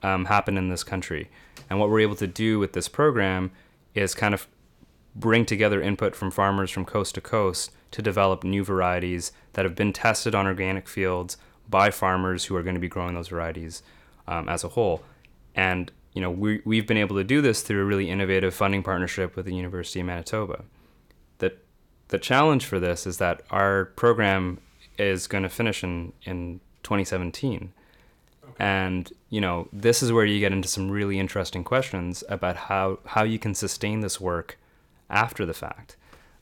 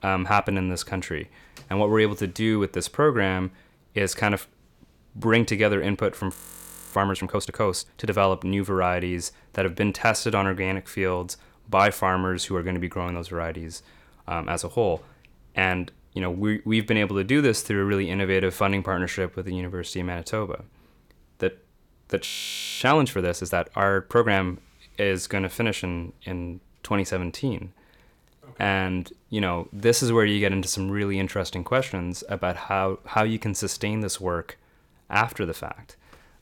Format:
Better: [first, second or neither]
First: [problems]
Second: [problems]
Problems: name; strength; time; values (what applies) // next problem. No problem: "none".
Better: first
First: none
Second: audio freezing; at 6.5 s for 0.5 s and at 22 s for 0.5 s